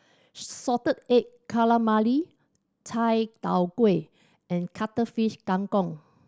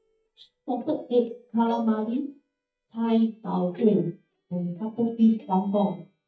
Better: first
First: none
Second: noise reduction (neural mask model DeepFilterNet 3)

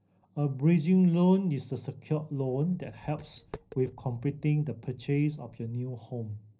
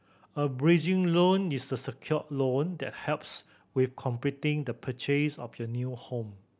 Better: second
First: noise reduction (neural separator model SepFormer DNS4)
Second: none

